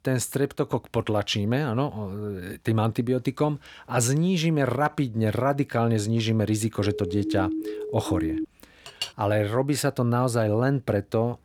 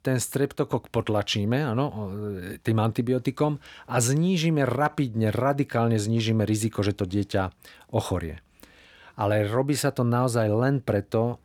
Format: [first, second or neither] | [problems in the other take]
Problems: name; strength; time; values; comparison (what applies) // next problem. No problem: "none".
second | siren; noticeable; from 7 to 8.5 s; peak 3 dB below the speech // clattering dishes; noticeable; at 9 s; peak 8 dB below the speech